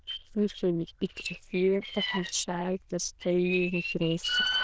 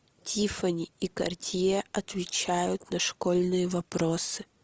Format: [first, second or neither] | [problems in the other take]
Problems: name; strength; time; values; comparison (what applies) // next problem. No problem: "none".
second | noise reduction (neural diffusion model UNIVERSE++)